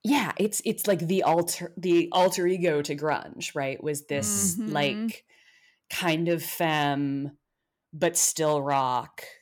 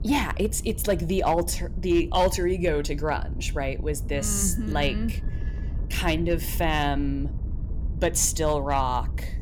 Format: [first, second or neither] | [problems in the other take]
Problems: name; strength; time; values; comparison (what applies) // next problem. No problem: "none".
first | low rumble; faint; throughout; 20 dB below the speech